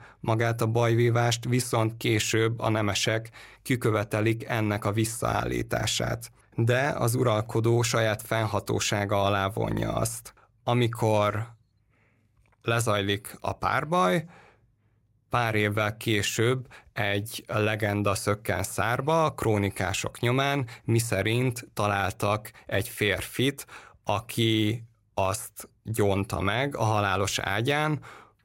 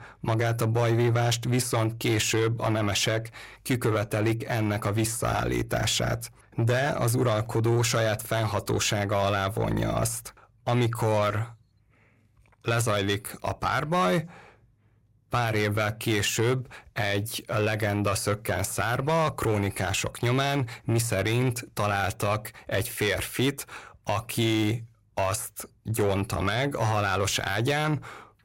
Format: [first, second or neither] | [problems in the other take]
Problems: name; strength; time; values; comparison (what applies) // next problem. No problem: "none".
first | distortion; slight; 10 dB below the speech